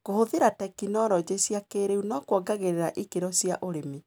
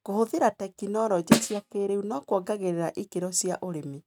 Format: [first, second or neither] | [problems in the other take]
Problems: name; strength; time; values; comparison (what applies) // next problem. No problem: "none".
first | noise reduction (neural mask model RNNoise)